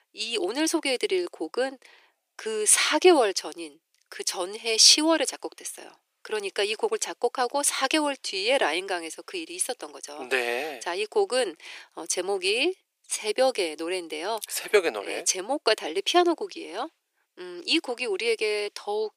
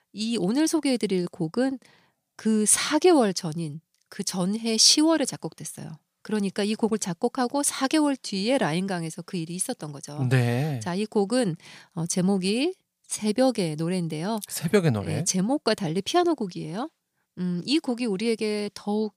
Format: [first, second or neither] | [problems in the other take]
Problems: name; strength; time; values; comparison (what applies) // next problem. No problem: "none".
second | thin; very; fading below 350 Hz